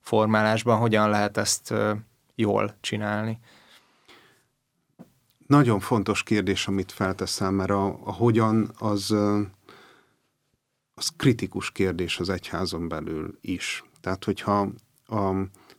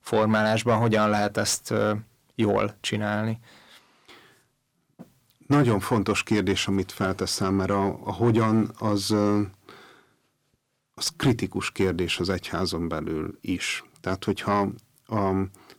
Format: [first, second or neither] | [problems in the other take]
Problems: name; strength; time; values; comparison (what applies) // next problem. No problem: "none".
first | distortion; slight; 10 dB below the speech